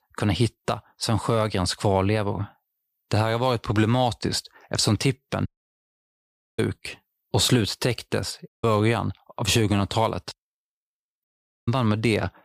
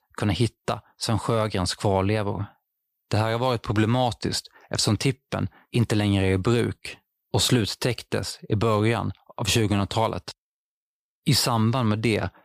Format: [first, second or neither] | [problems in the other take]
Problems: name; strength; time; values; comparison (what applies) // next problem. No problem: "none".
second | audio cutting out; at 5.5 s for 1 s, at 8.5 s and at 11 s